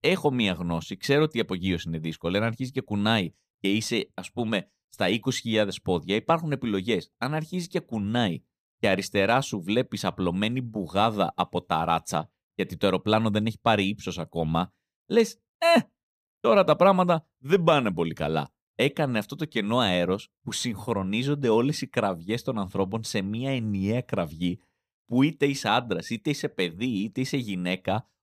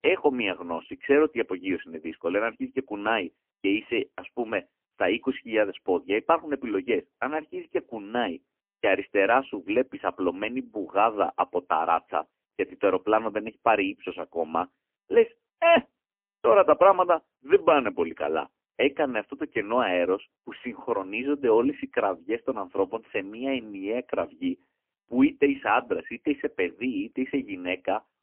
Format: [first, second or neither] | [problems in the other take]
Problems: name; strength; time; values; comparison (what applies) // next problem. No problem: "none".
first | phone-call audio; poor line; nothing above 3 kHz